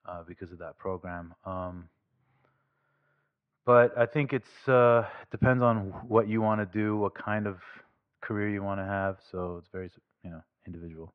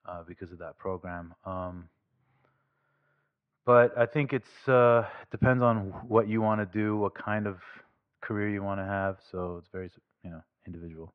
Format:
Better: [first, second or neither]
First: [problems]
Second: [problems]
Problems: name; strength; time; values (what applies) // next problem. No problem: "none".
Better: neither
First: muffled; very; fading above 2.5 kHz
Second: muffled; very; fading above 2.5 kHz